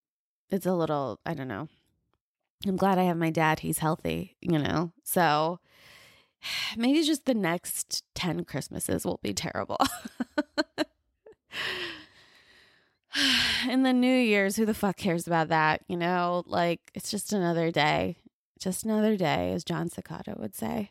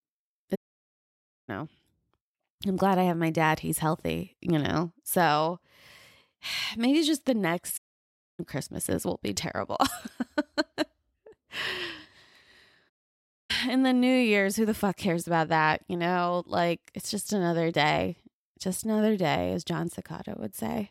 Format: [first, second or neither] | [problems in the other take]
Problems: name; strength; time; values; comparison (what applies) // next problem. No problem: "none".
first | audio cutting out; at 0.5 s for 1 s, at 8 s for 0.5 s and at 13 s for 0.5 s